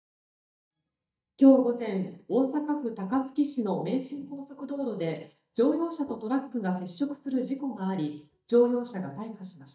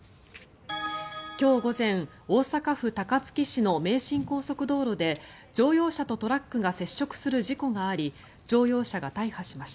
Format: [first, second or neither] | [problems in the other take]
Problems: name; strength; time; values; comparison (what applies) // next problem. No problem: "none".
second | noise reduction (neural mask model DeepFilterNet 3)